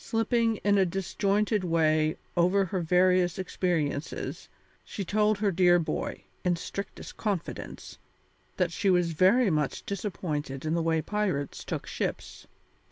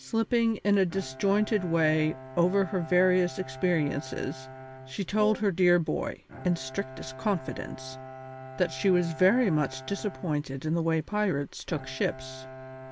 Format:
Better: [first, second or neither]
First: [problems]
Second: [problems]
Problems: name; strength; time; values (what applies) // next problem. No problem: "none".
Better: first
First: none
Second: background sound (Brass instrument + Bowed string instrument); 15 dB below the speech